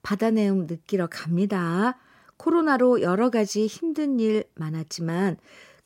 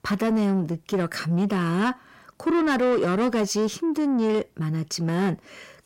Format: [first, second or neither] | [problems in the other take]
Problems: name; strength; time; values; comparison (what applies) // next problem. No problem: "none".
first | distortion; slight; 10 dB below the speech